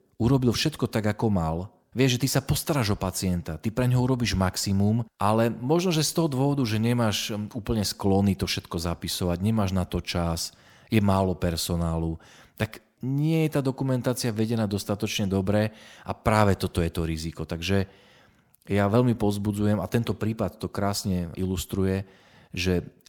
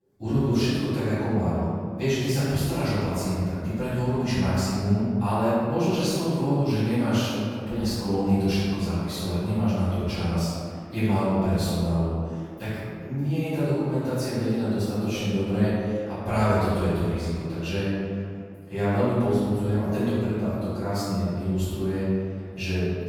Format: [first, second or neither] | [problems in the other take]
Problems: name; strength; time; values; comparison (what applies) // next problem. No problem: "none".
first | off-mic speech; far // room echo; strong; dies away in 2.1 s